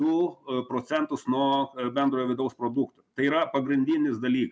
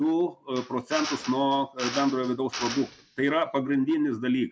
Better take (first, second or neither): first